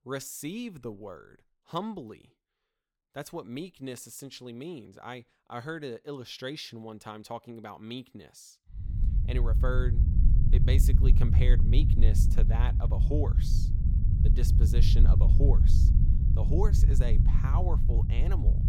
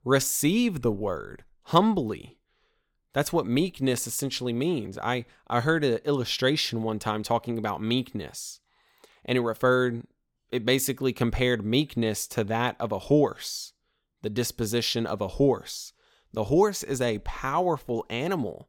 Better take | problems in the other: second | low rumble; loud; from 9 s on; 3 dB below the speech

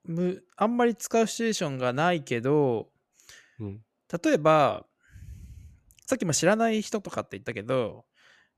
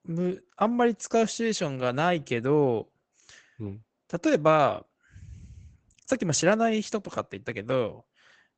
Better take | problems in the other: first | garbled, watery; badly; nothing above 8 kHz

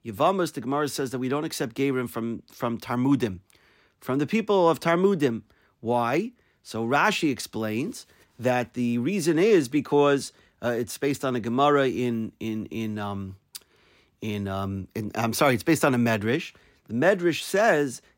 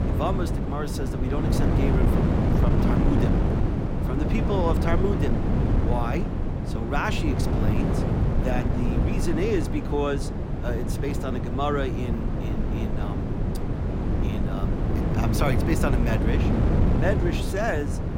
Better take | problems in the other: first | wind noise on the microphone; heavy; 1 dB below the speech

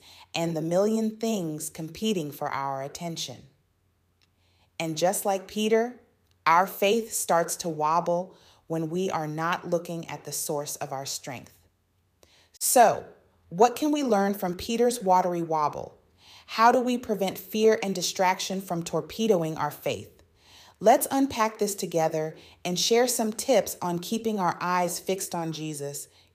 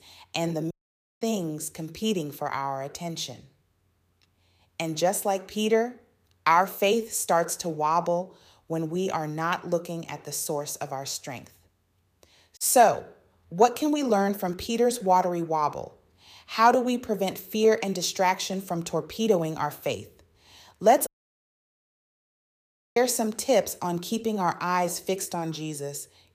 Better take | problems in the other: first | audio cutting out; at 0.5 s for 0.5 s and at 21 s for 2 s

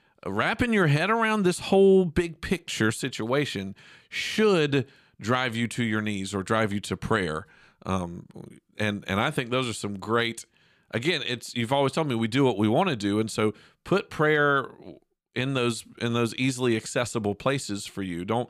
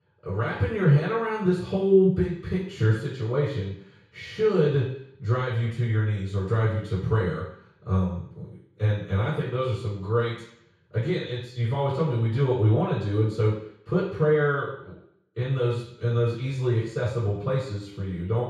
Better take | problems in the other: first | room echo; noticeable; dies away in 0.6 s // off-mic speech; far

